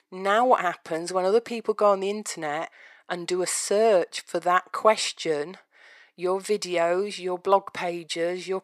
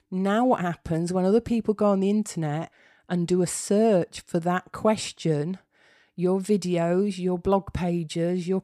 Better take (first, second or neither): second